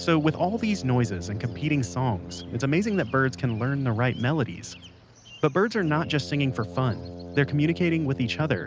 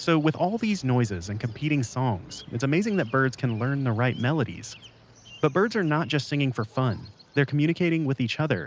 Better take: second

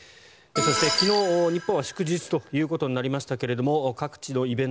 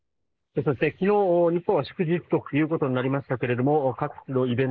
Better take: first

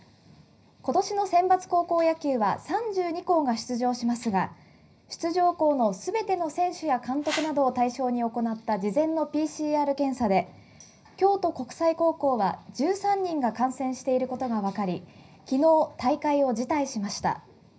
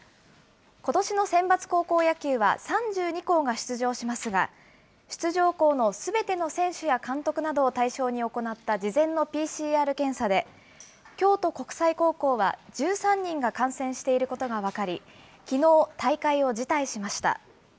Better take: second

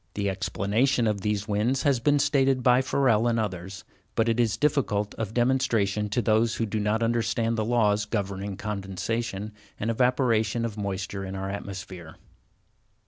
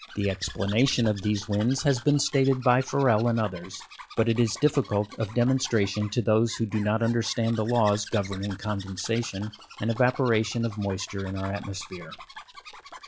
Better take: first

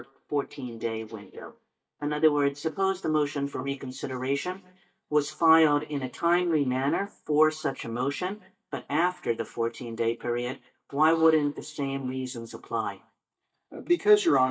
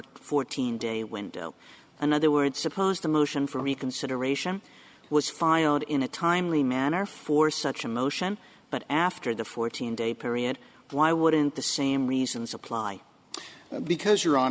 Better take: second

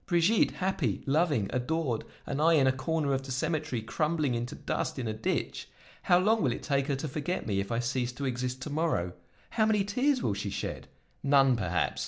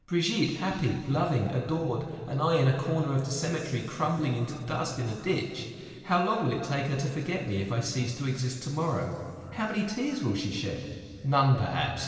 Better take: first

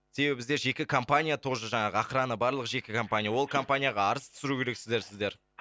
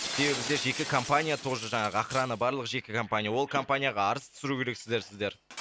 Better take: first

